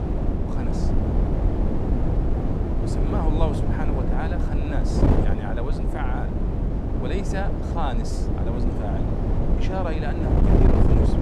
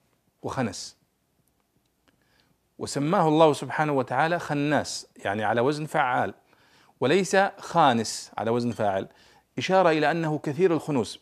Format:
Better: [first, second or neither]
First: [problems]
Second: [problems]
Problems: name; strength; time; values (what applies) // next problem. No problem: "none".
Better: second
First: wind noise on the microphone; heavy; 2 dB above the speech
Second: none